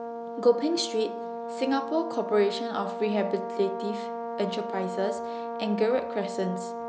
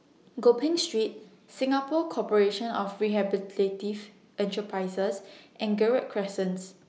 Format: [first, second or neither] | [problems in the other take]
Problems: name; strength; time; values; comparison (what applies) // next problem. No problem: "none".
second | background sound (Brass instrument); 6 dB below the speech